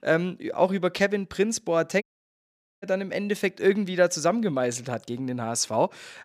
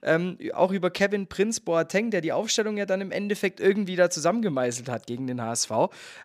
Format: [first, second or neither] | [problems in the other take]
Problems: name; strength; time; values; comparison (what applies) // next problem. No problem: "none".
second | audio cutting out; at 2 s for 1 s